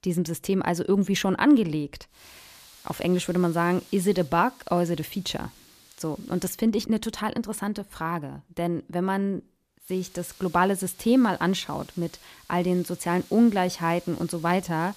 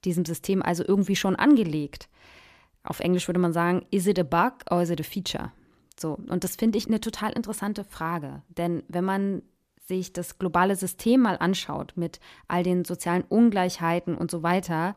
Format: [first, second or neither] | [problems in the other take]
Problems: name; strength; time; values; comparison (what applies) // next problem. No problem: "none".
second | hiss; faint; from 2 to 6.5 s and from 10 s on; 25 dB below the speech